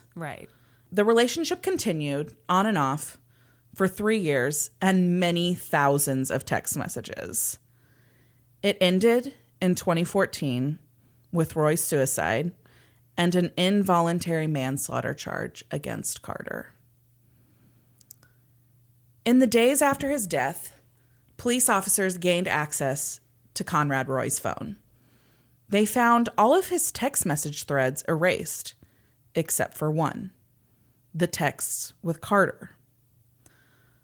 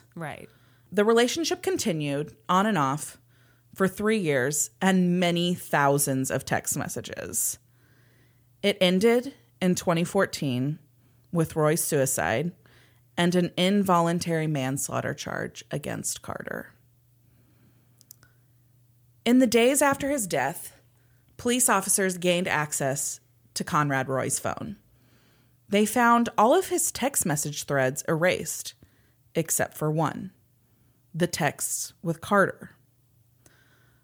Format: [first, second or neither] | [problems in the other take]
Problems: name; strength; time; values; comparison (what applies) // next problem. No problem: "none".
second | garbled, watery; slightly